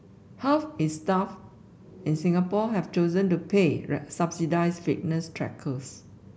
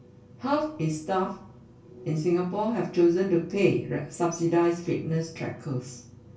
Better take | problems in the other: first | room echo; dies away in 0.2 s

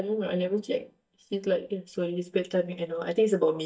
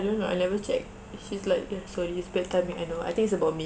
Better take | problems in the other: second | noise reduction (neural mask model DeepFilterNet 3)

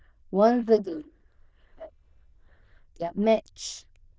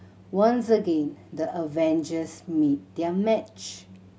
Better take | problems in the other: second | noise reduction (neural diffusion model UNIVERSE++)

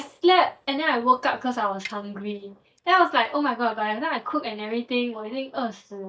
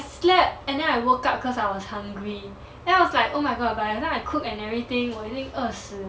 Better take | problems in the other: second | noise reduction (neural mask model DeepFilterNet 3)

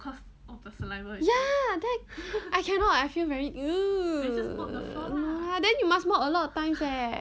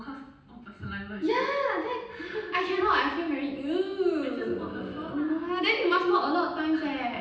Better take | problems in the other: first | room echo; dies away in 0.9 s

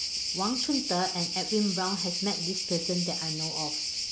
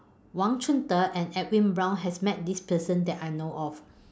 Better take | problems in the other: second | background sound (Cricket); as loud as the speech

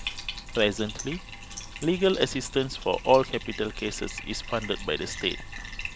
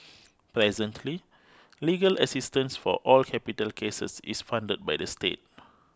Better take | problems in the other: second | background sound (Bathtub (filling or washing)); 10 dB below the speech

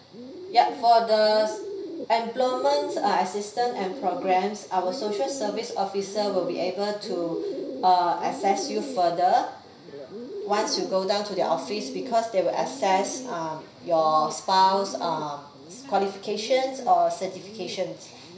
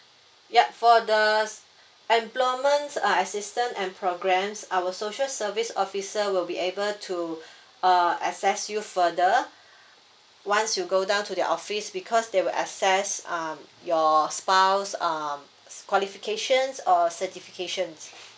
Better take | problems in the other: second | background sound (Bird); 12 dB below the speech // room echo; dies away in 0.5 s

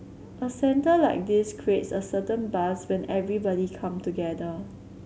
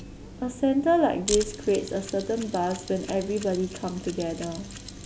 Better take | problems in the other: first | background sound (Mechanisms); 13 dB below the speech

